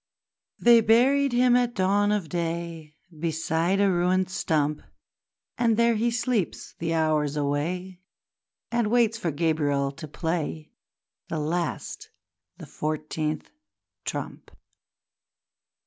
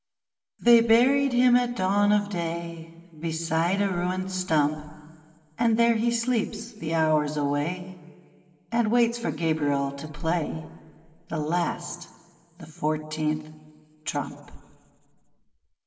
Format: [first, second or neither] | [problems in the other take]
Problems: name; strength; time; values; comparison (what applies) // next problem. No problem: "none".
first | room echo; dies away in 1.7 s